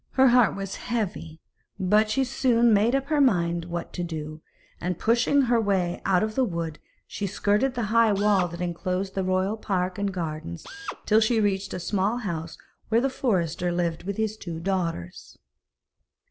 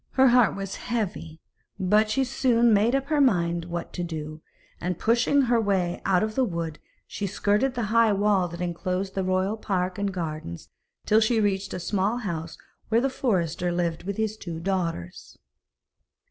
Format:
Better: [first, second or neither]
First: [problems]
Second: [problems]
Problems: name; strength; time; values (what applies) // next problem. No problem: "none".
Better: second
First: background sound (Drill); 13 dB below the speech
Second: none